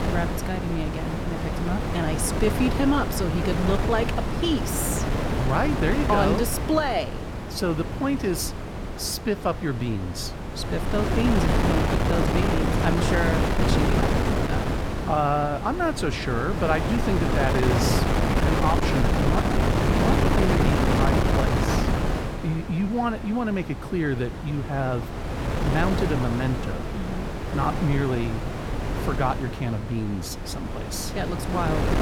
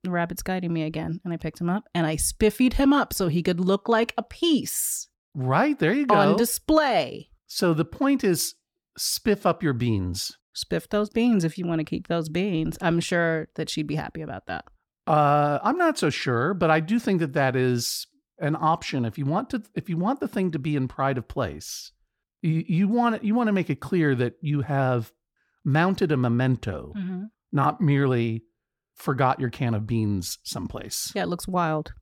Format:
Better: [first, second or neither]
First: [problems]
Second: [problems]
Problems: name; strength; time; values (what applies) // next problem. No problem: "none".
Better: second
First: wind noise on the microphone; heavy; 1 dB below the speech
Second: none